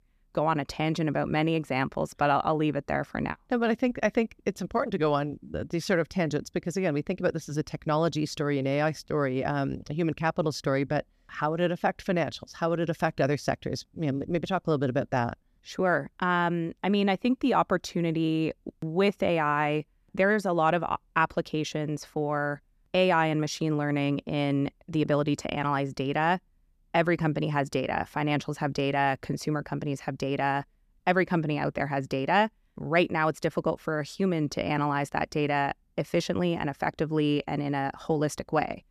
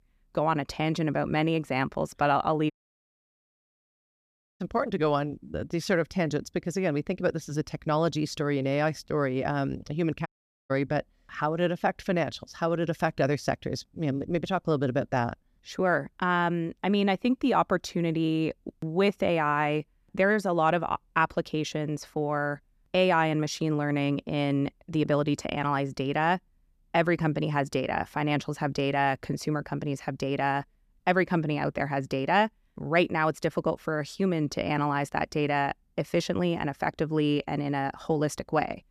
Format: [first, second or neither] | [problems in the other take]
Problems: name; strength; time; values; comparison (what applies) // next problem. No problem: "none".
first | audio cutting out; at 2.5 s for 2 s and at 10 s